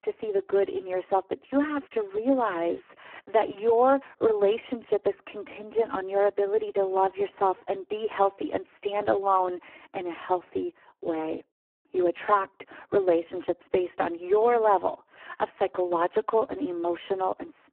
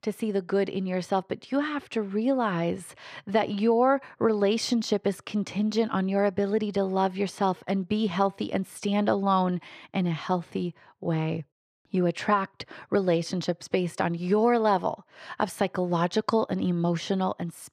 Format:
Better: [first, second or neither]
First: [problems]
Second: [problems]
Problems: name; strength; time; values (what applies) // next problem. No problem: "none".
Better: second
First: phone-call audio; poor line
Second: none